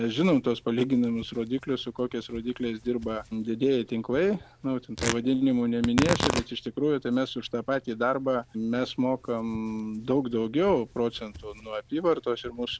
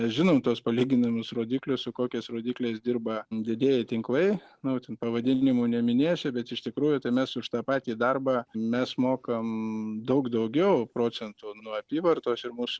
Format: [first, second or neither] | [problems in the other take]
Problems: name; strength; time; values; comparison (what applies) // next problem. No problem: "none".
second | background sound (Tearing); 11 dB below the speech